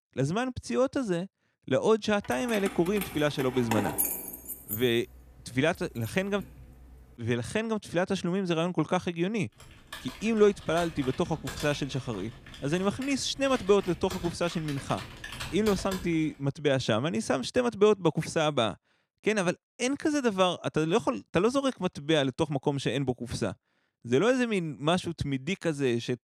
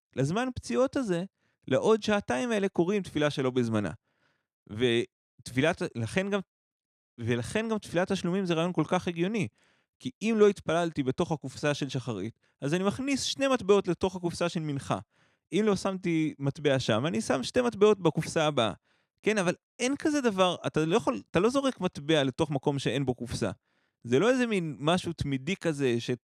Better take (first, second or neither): second